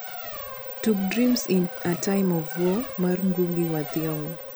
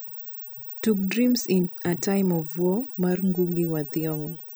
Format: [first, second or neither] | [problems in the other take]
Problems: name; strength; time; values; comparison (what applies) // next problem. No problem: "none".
second | background sound (Race car, auto racing); 14 dB below the speech